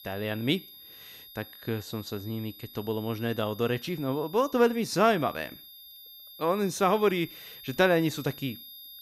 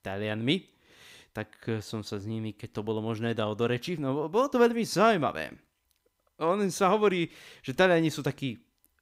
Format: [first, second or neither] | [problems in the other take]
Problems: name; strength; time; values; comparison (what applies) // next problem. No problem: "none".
second | high-pitched whine; noticeable; throughout; 3.5 kHz, 15 dB below the speech